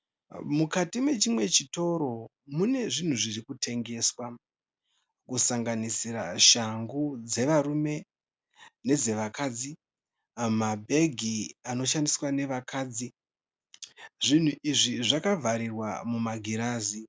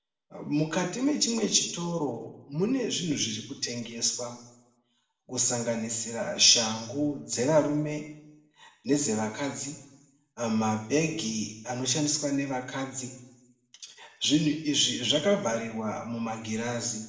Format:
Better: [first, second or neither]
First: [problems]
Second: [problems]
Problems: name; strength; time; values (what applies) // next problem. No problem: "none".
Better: first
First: none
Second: room echo; dies away in 0.7 s